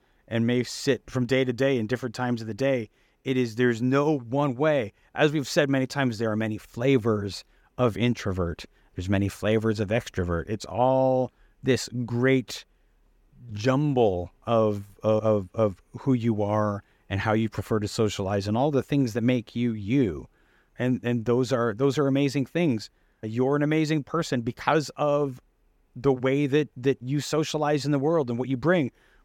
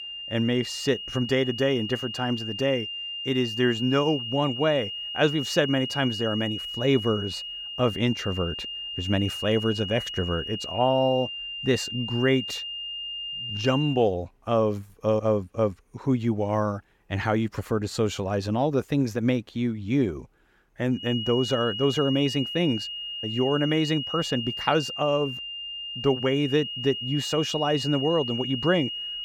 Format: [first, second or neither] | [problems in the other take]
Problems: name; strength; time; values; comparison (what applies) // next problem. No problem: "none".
first | high-pitched whine; loud; until 14 s and from 21 s on; 3 kHz, 6 dB below the speech